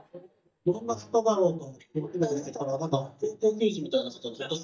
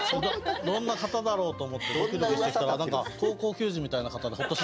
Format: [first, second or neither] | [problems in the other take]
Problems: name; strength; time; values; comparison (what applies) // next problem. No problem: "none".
second | noise reduction (neural mask model DeepFilterNet 3)